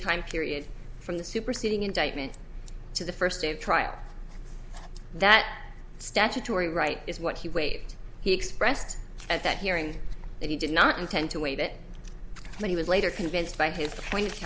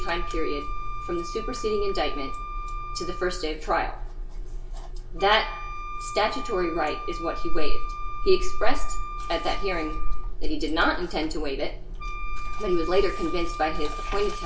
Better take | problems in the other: first | background sound (Wind instrument, woodwind instrument); 15 dB below the speech // room echo; dies away in 0.2 s

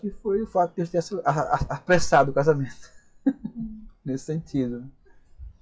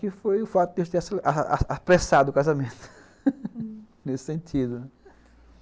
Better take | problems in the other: second | noise reduction (classical method WPE with log-MMSE)

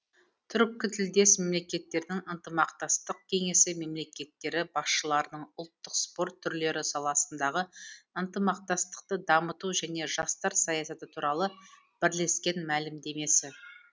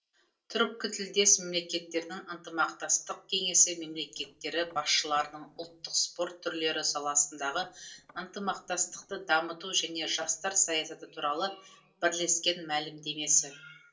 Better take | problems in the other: first | noise reduction (neural separator model SepFormer DNS4)

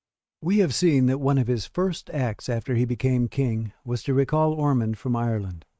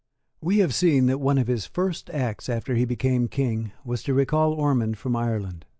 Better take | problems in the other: second | noise reduction (neural mask model RNNoise)

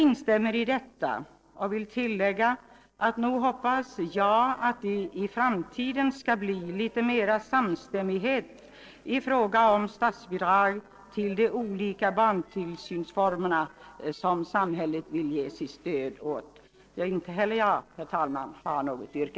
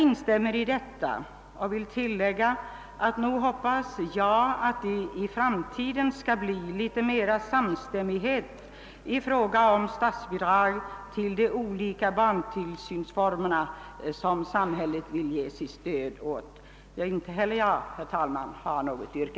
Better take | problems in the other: second | noise reduction (neural separator model SepFormer DNS4)

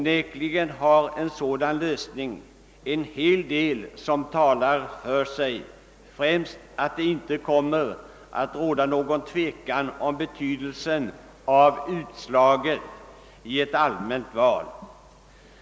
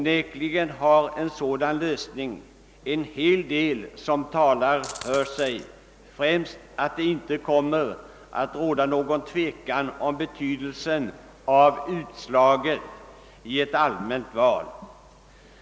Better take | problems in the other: first | background sound (Coin (dropping)); 15 dB below the speech

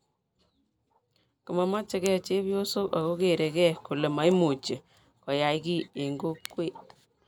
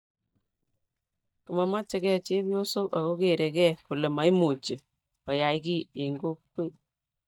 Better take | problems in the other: first | noise reduction (neural mask model DeepFilterNet 3)

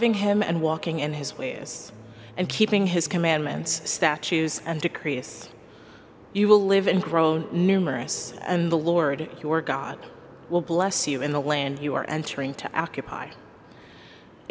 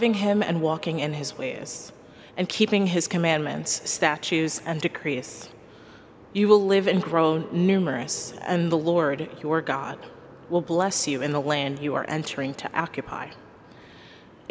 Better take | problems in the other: second | background sound (Electric guitar); 17 dB below the speech

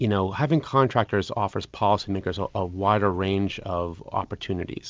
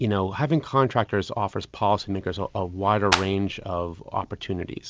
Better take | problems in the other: first | background sound (Clapping); as loud as the speech

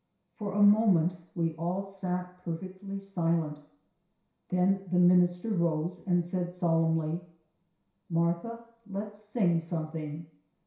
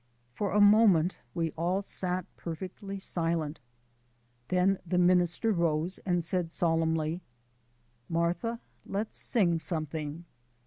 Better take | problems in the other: second | room echo; dies away in 0.6 s

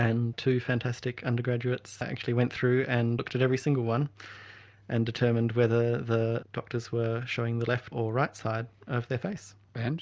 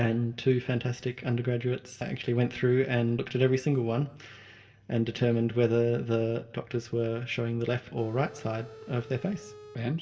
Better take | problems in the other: first | background sound (Telephone); 19 dB below the speech // room echo; dies away in 0.7 s

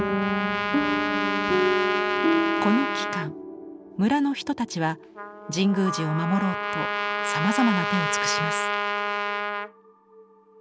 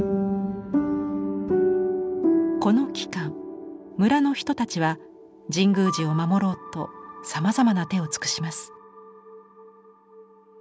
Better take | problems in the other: second | background sound (Trumpet); 2 dB below the speech

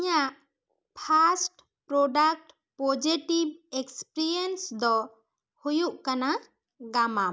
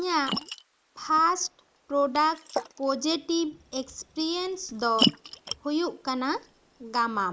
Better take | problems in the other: first | noise reduction (neural mask model Resemble Enhance denoiser)

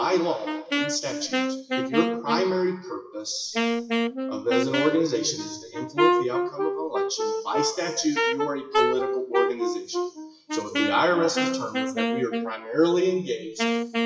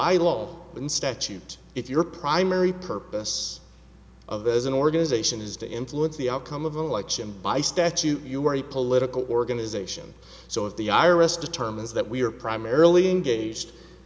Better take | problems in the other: second | noise reduction (classical method WPE with log-MMSE)

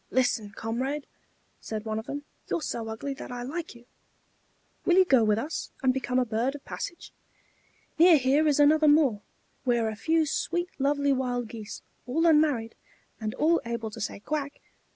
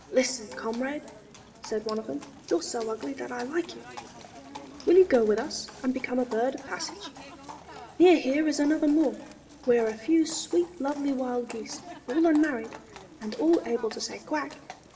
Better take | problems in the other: first | background sound (Livestock, farm animals, working animals); 18 dB below the speech // room echo; dies away in 1.2 s

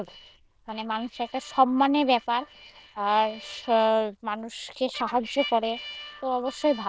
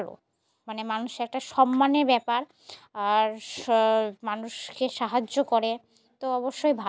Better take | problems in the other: second | noise reduction (neural diffusion model UNIVERSE++)

